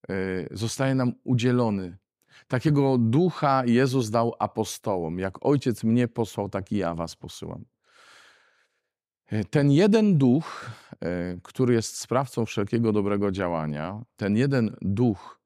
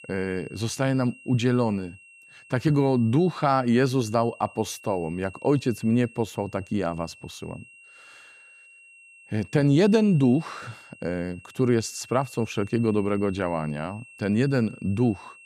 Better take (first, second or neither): first